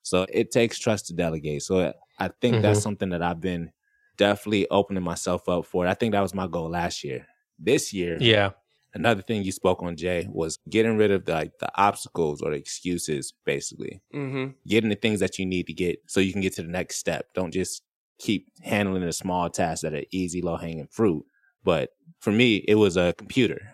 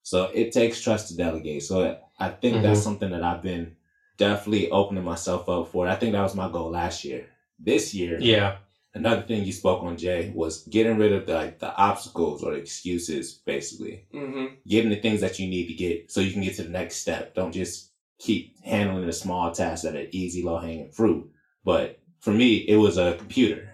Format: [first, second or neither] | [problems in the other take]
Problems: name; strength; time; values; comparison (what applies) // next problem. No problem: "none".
first | room echo; very slight; dies away in 0.3 s // off-mic speech; far